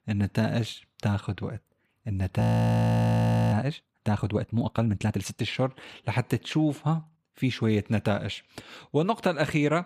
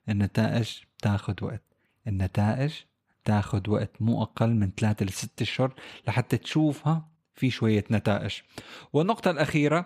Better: second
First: audio freezing; at 2.5 s for 1 s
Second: none

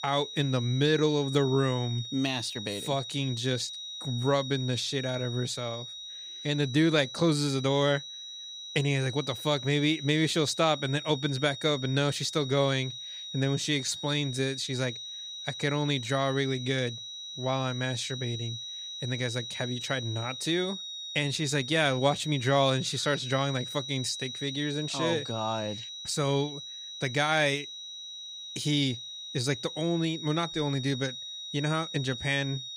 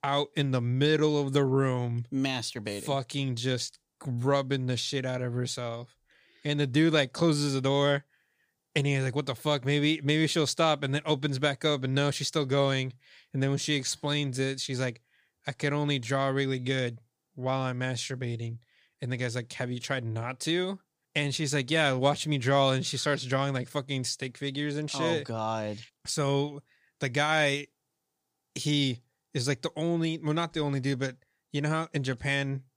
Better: second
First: high-pitched whine; loud; throughout; 4 kHz, 8 dB below the speech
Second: none

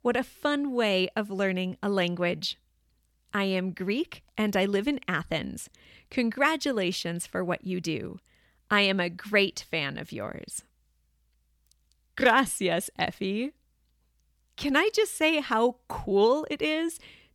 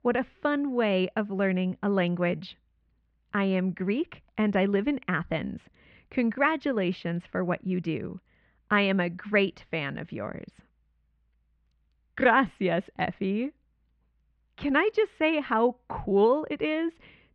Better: first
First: none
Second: muffled; very; fading above 2.5 kHz

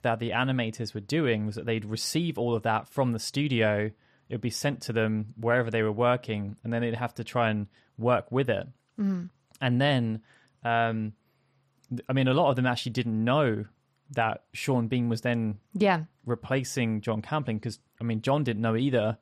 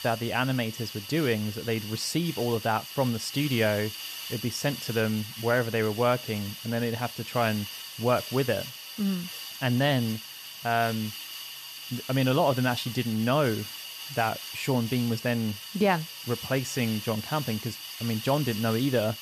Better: first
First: none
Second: hiss; loud; throughout; 9 dB below the speech

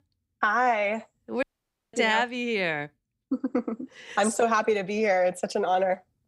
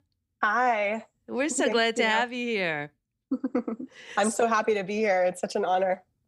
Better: second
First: audio cutting out; at 1.5 s for 0.5 s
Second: none

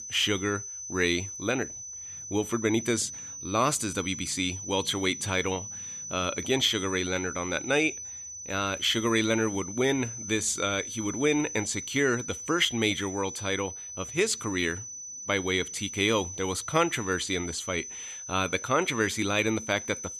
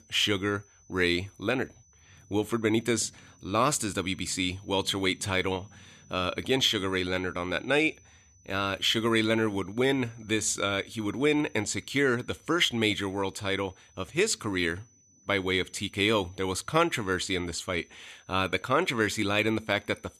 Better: second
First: high-pitched whine; loud; throughout; 6 kHz, 9 dB below the speech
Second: high-pitched whine; faint; throughout; 6 kHz, 30 dB below the speech

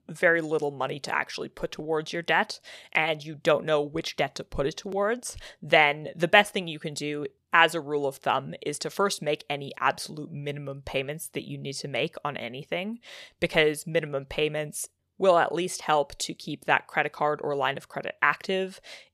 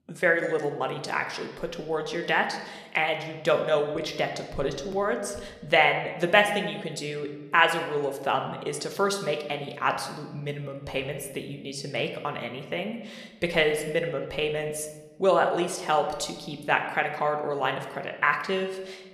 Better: first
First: none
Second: room echo; slight; dies away in 0.9 s

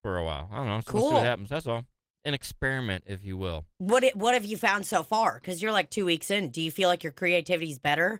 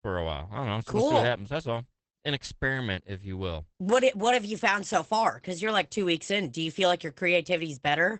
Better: first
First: garbled, watery; slightly; nothing above 16 kHz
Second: garbled, watery; badly; nothing above 8 kHz

